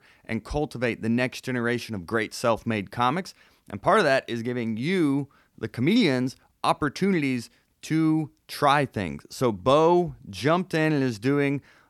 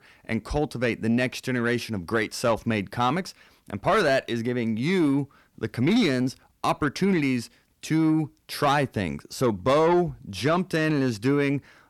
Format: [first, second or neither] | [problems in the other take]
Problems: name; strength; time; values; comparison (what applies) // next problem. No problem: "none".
first | distortion; slight; 10 dB below the speech